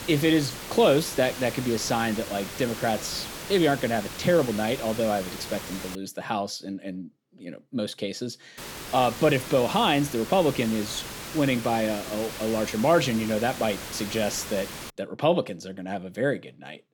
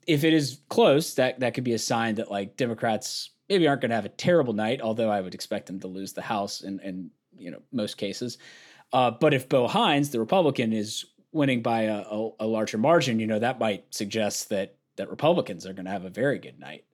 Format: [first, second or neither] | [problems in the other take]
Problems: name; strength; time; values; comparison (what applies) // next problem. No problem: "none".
second | hiss; noticeable; until 6 s and from 8.5 to 15 s; 10 dB below the speech